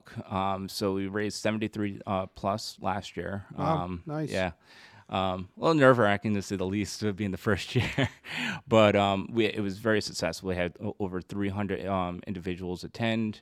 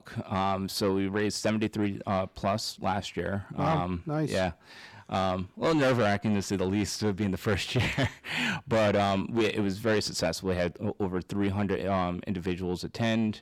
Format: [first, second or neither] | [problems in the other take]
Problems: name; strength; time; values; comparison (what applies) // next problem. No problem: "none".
first | distortion; heavy; 7 dB below the speech